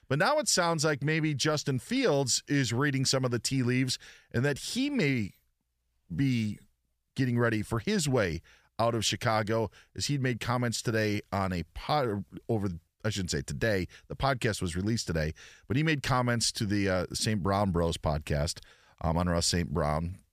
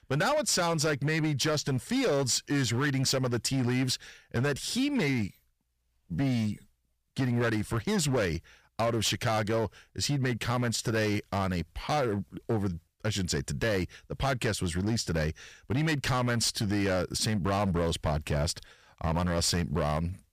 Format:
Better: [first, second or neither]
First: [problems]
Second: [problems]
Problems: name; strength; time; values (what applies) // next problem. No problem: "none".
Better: first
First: none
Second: distortion; slight; 12% of the sound clipped